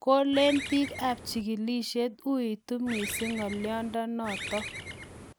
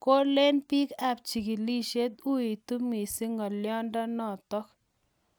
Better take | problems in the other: second | background sound (Bird); 10 dB below the speech

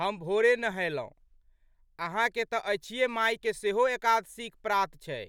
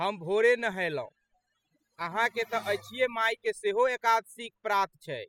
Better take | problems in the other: first | noise reduction (classical method spectral subtraction)

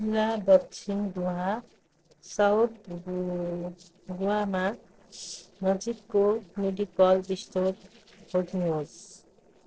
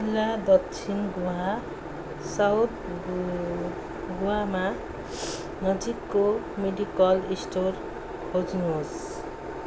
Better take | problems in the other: second | noise reduction (neural separator model SepFormer DNS4)

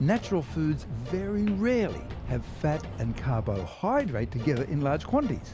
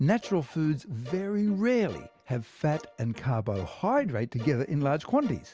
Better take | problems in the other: second | background sound (Walk, footsteps); 10 dB below the speech

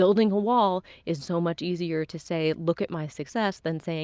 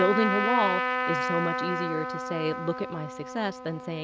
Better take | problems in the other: first | background sound (Trumpet); 1 dB below the speech

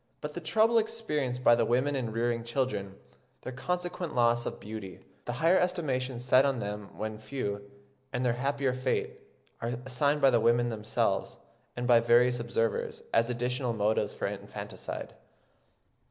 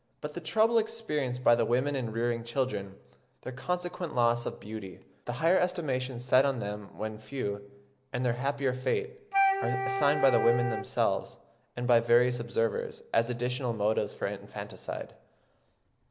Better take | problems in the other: first | background sound (Wind instrument, woodwind instrument); 2 dB below the speech

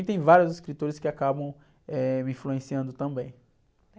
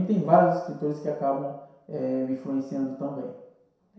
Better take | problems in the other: first | room echo; dies away in 0.7 s

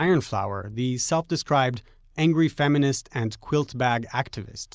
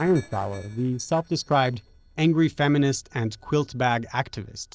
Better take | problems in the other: first | noise reduction (neural separator model SepFormer DNS4)

